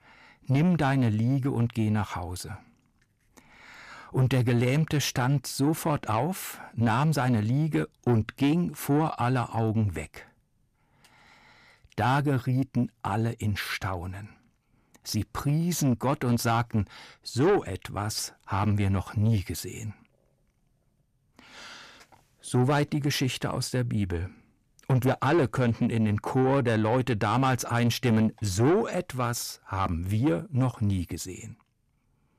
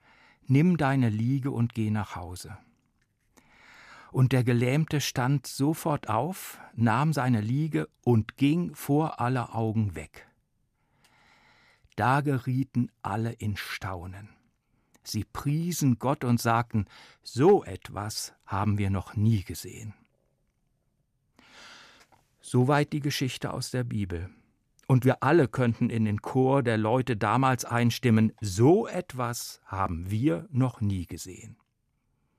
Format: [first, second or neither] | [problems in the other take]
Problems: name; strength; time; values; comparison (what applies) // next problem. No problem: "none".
second | distortion; slight; 10 dB below the speech